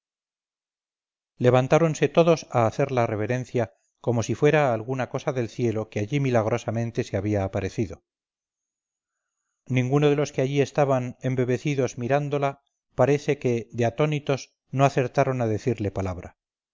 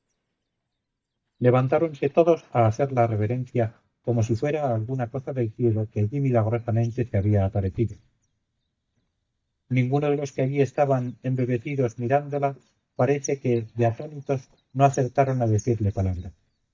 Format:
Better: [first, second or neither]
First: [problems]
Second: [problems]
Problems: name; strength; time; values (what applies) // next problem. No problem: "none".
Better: first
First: none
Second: noise reduction (neural mask model DeepFilterNet 3)